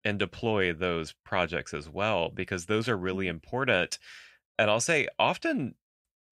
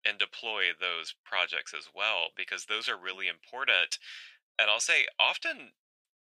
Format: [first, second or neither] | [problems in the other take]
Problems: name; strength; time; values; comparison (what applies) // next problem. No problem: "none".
first | thin; very; fading below 750 Hz